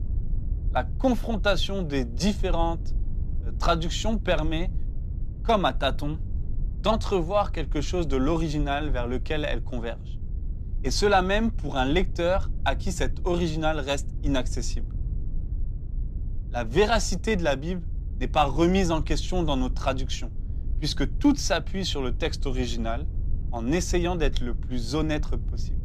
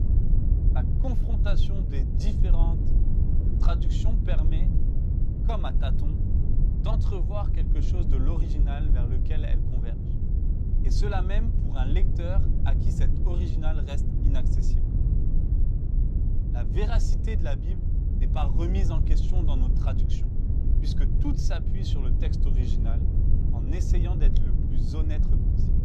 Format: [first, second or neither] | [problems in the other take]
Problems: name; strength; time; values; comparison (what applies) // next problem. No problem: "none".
first | low rumble; loud; throughout; 2 dB below the speech; faint in the first